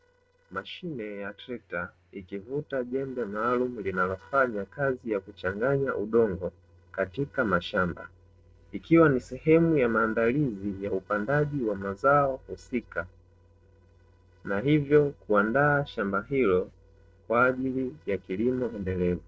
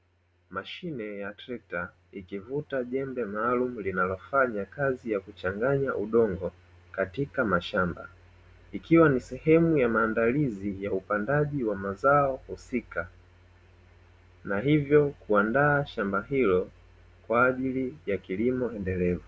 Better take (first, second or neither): second